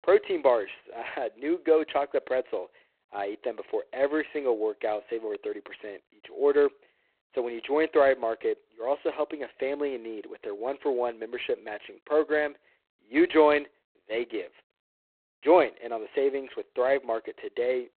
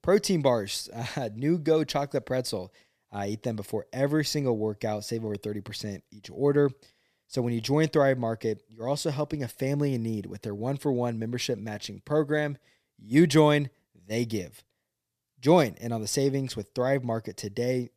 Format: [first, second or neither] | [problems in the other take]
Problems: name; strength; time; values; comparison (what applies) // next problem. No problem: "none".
second | phone-call audio; poor line; nothing above 4 kHz